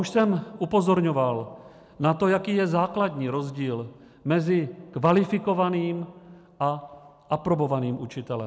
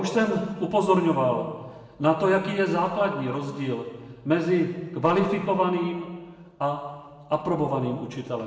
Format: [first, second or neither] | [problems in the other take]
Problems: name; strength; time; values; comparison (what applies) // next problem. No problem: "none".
first | room echo; dies away in 1.2 s